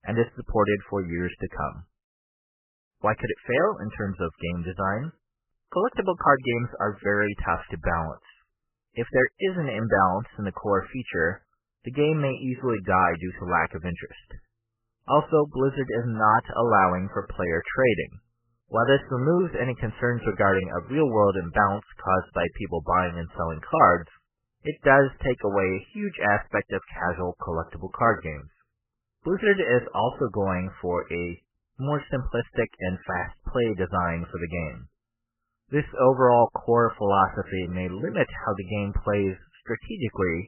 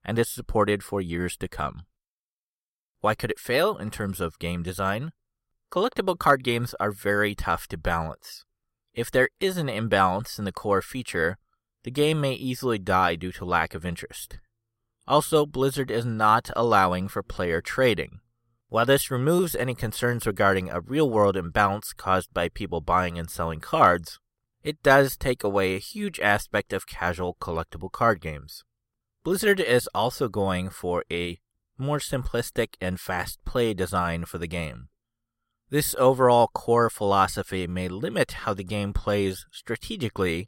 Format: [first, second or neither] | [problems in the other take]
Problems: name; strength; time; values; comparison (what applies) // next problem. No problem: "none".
second | garbled, watery; badly; nothing above 3 kHz